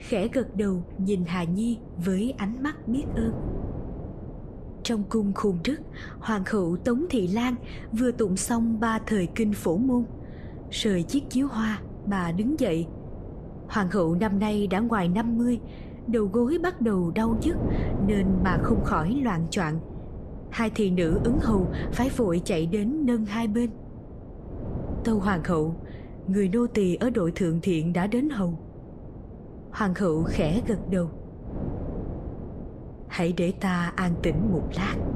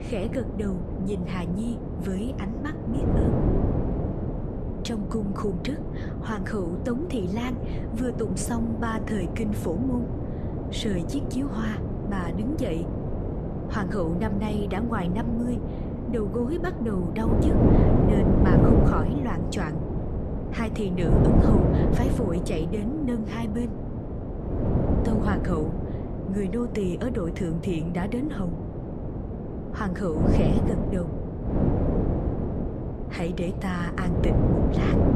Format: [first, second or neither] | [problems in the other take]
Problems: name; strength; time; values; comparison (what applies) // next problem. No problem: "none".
first | wind noise on the microphone; heavy; as loud as the speech; occasional gusts in the first